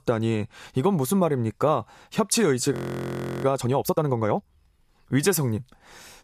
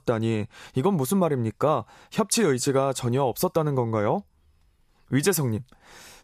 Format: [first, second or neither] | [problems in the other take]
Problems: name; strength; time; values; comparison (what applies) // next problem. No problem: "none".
second | audio freezing; at 2.5 s for 0.5 s